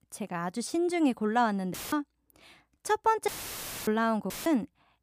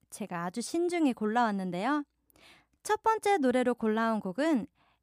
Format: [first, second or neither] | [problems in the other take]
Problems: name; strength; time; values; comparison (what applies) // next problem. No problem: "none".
second | audio cutting out; filled with static; at 1.5 s, at 3.5 s for 0.5 s and at 4.5 s